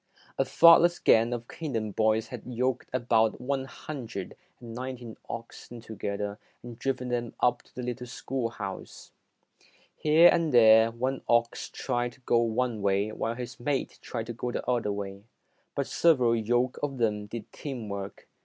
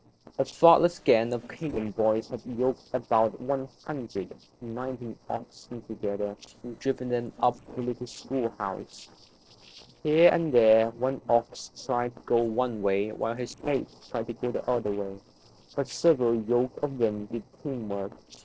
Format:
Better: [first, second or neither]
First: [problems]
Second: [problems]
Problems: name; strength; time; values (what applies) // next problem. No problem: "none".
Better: first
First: none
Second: noise reduction (neural separator model SepFormer DNS4)